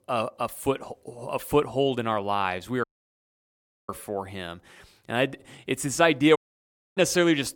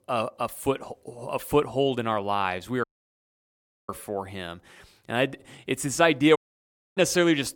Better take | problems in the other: neither | audio cutting out; at 3 s for 1 s and at 6.5 s for 0.5 s; the same in both

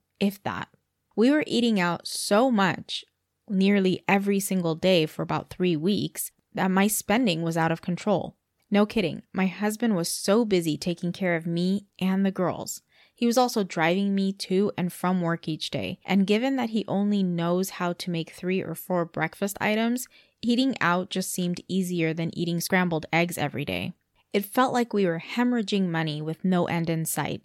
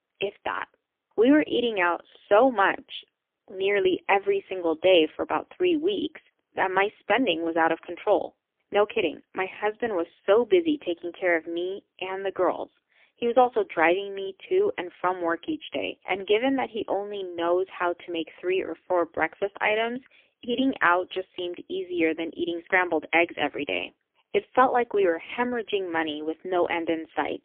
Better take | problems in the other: first | phone-call audio; poor line; nothing above 3.5 kHz

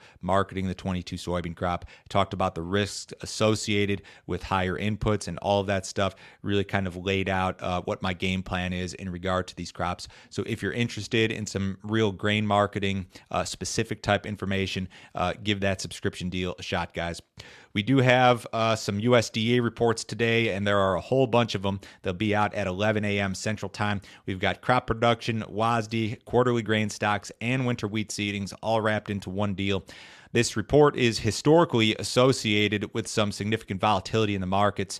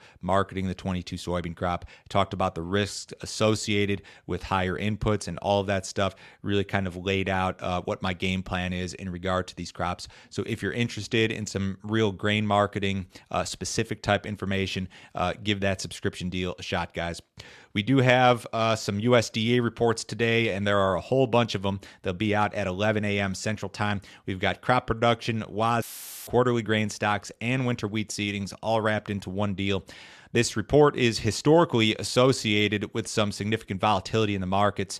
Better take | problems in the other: first | audio cutting out; filled with static; at 26 s

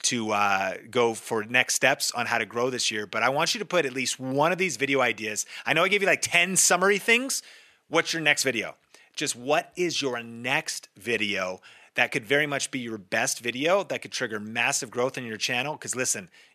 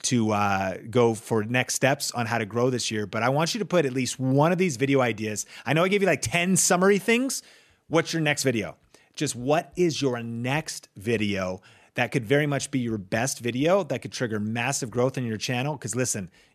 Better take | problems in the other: second | thin; somewhat; fading below 1 kHz

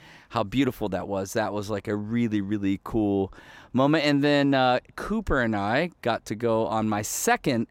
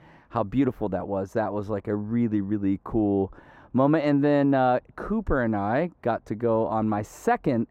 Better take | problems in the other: first | muffled; very; fading above 2 kHz

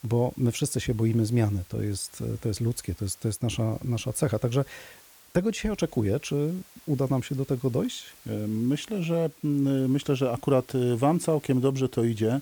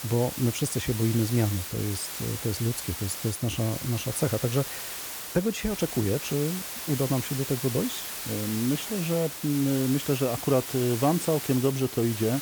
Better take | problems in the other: first | hiss; loud; throughout; 6 dB below the speech; faint in the first

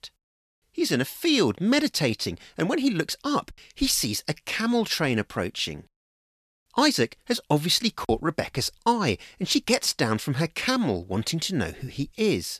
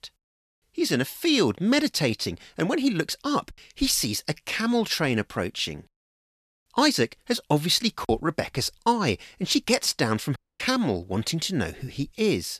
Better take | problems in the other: first | audio cutting out; at 10 s

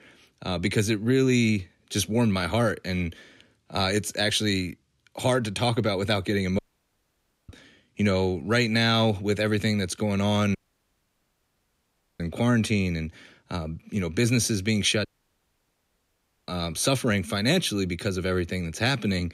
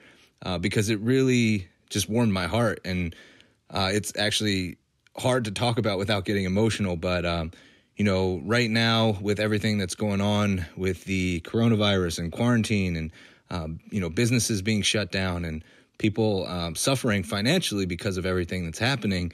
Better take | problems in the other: second | audio cutting out; at 6.5 s for 1 s, at 11 s for 1.5 s and at 15 s for 1.5 s

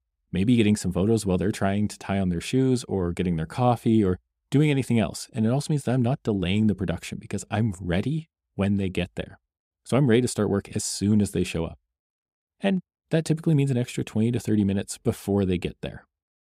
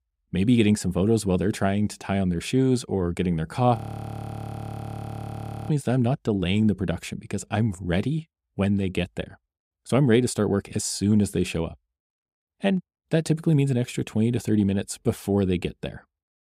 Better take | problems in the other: first | audio freezing; at 4 s for 2 s

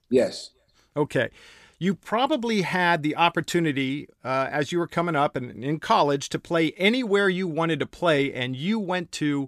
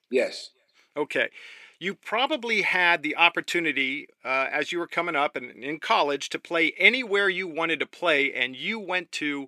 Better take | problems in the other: first | thin; somewhat; fading below 350 Hz

